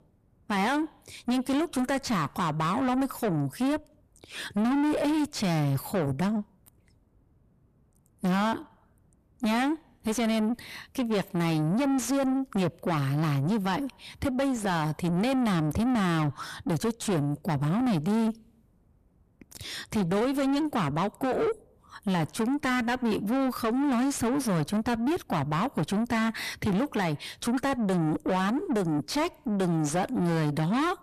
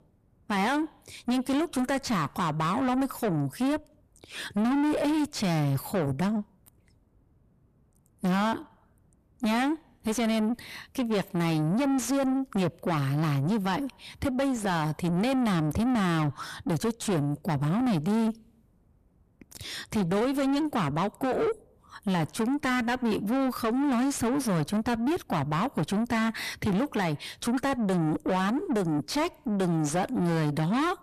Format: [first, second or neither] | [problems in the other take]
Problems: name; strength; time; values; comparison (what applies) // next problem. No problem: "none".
neither | distortion; heavy; 7 dB below the speech; the same in both